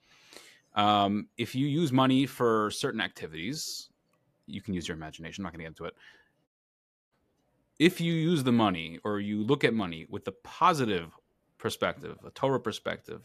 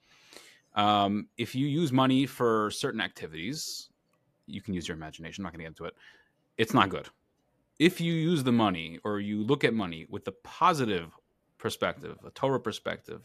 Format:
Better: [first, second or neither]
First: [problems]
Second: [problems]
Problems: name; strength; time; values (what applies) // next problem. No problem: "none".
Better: second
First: audio cutting out; at 6.5 s for 0.5 s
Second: none